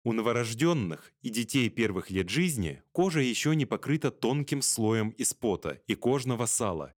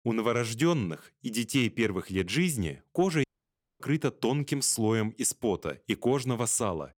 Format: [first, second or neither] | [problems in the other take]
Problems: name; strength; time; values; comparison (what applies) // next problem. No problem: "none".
first | audio cutting out; at 3 s for 0.5 s